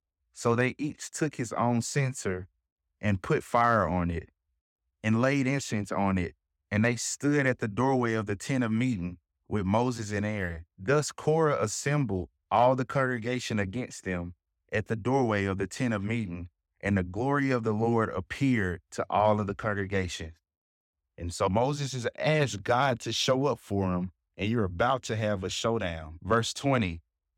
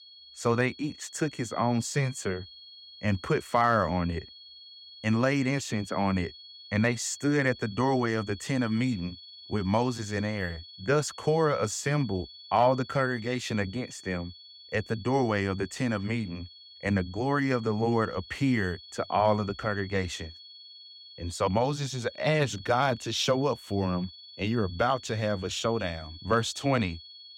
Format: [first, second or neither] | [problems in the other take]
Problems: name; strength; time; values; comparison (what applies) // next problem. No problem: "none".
first | high-pitched whine; noticeable; throughout; 4.5 kHz, 15 dB below the speech